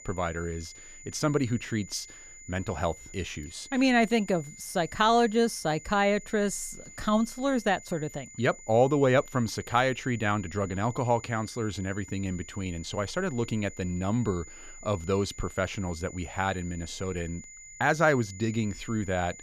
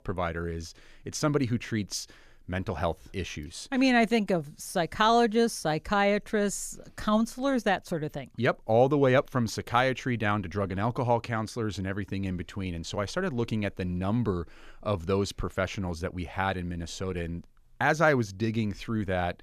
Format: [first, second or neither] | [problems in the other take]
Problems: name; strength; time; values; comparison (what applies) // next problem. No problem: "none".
second | high-pitched whine; noticeable; throughout; 7 kHz, 15 dB below the speech